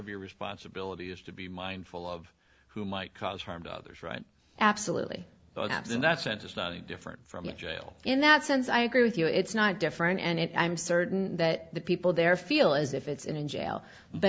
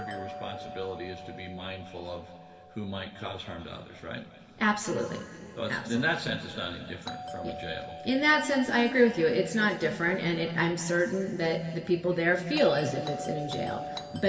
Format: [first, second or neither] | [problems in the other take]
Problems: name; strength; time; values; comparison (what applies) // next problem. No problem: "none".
first | background sound (Doorbell); 15 dB below the speech // room echo; dies away in 2.5 s